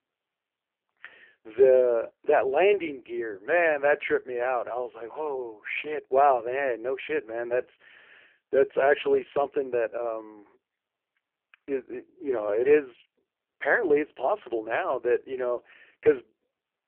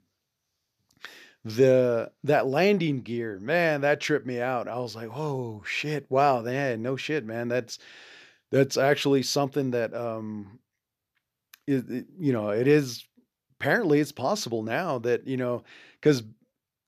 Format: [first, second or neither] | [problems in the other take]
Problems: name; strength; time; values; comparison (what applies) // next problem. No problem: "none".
second | phone-call audio; poor line